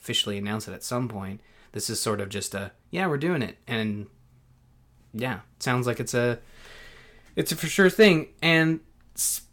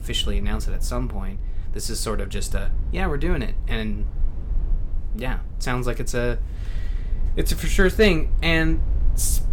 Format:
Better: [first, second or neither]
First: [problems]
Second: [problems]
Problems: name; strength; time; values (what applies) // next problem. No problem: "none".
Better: first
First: none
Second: low rumble; faint; throughout; 20 dB below the speech